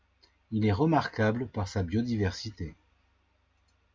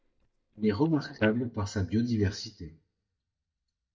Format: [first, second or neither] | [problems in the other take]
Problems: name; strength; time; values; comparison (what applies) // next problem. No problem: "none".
first | noise reduction (neural mask model DeepFilterNet 3)